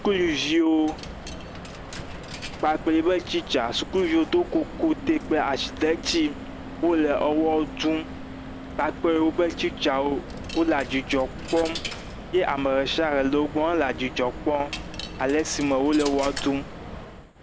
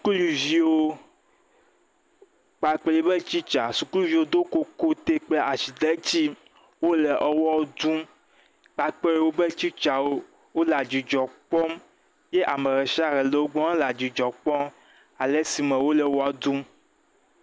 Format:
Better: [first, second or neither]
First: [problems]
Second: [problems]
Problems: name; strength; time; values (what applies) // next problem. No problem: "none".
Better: second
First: background sound (Coin (dropping)); 11 dB below the speech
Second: none